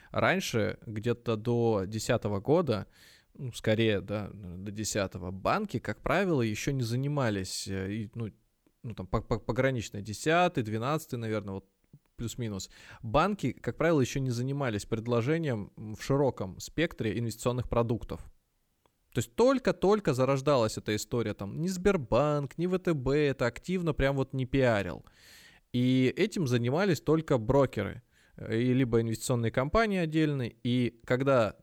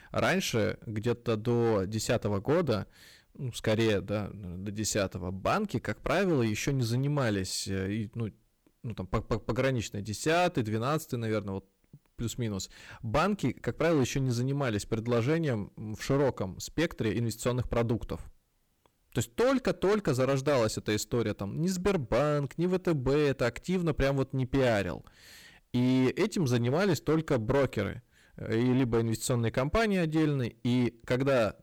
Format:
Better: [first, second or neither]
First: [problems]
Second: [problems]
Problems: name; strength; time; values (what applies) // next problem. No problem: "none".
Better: first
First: none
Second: distortion; slight; 8% of the sound clipped